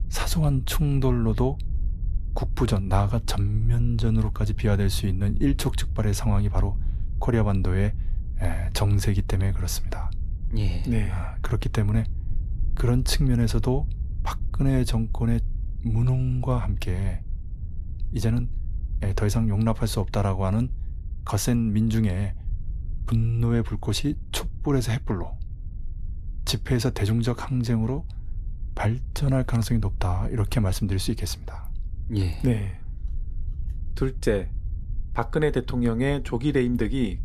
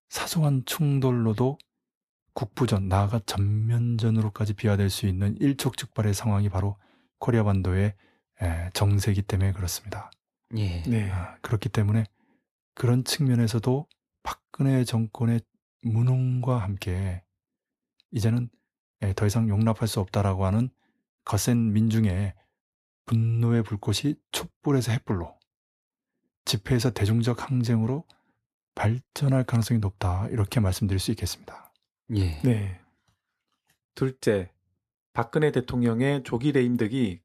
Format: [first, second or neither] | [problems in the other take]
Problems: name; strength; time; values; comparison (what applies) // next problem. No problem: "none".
second | low rumble; faint; throughout; 20 dB below the speech